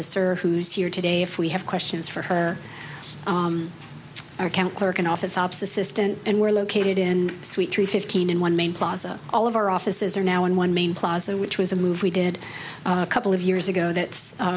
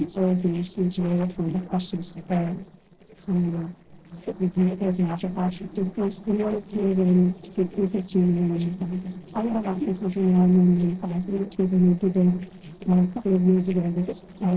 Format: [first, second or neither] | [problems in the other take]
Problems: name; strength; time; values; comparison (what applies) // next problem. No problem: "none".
first | noise reduction (neural separator model SepFormer DNS4)